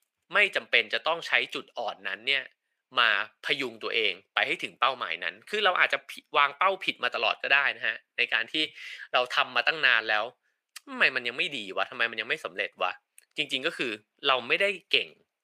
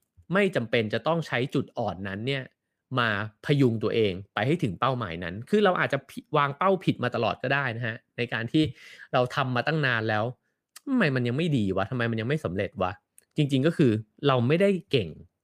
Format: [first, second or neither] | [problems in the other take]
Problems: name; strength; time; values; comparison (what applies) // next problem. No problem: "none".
second | thin; very; fading below 650 Hz